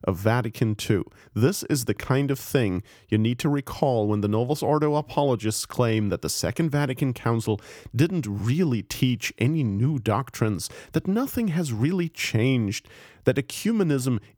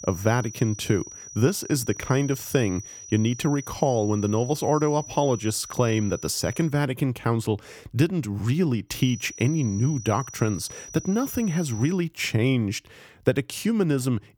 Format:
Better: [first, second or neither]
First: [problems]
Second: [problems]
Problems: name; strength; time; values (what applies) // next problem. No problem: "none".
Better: first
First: none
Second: high-pitched whine; noticeable; until 6.5 s and from 9 to 12 s; 6 kHz, 15 dB below the speech